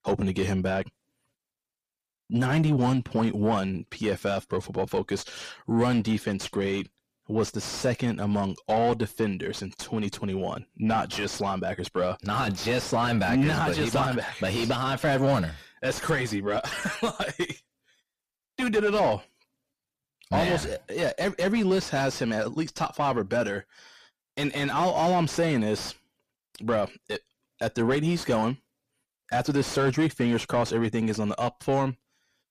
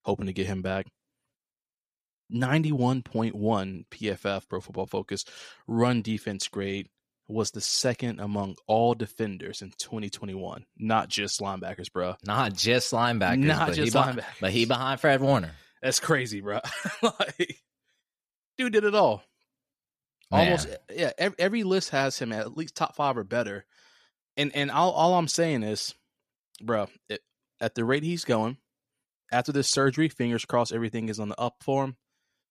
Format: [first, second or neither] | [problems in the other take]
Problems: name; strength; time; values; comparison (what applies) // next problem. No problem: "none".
second | distortion; heavy; 6 dB below the speech